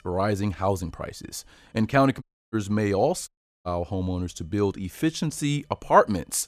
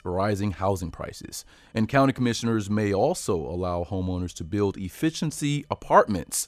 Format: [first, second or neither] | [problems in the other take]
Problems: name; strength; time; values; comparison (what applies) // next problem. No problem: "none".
second | audio cutting out; at 2 s and at 3.5 s